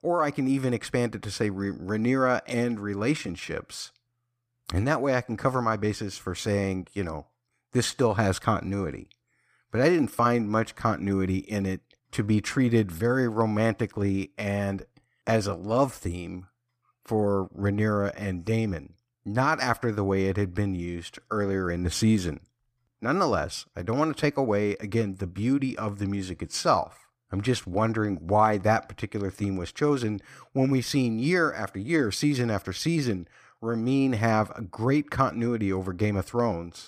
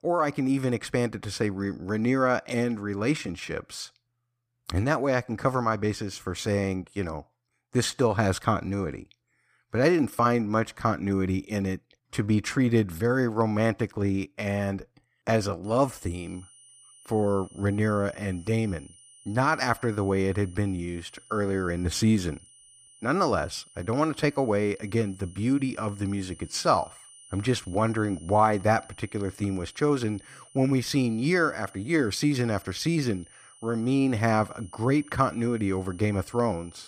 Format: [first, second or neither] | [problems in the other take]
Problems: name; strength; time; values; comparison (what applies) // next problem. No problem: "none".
first | high-pitched whine; faint; from 16 s on; 9.5 kHz, 25 dB below the speech